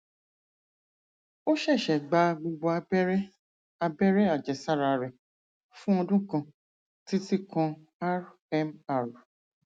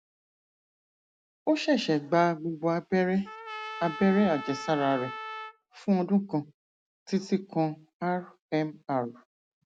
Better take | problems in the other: first | background sound (Trumpet); 11 dB below the speech

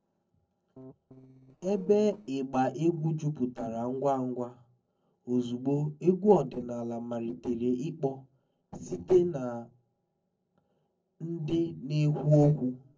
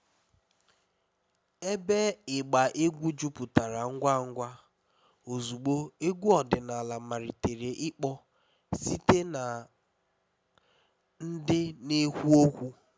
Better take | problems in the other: second | noise reduction (neural separator model SepFormer DNS4)

